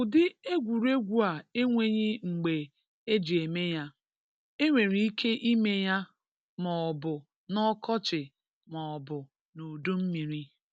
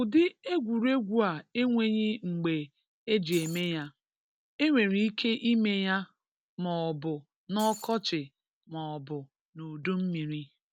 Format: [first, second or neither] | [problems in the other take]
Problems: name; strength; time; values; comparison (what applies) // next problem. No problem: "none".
first | background sound (Shatter); 16 dB below the speech